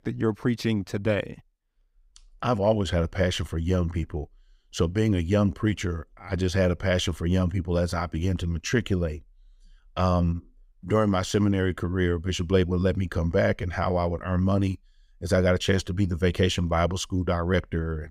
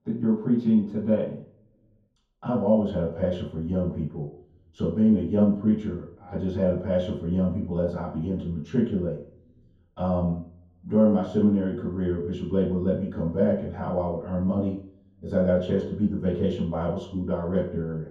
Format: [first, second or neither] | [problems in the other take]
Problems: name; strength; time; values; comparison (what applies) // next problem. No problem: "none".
first | room echo; noticeable; dies away in 0.6 s // off-mic speech; far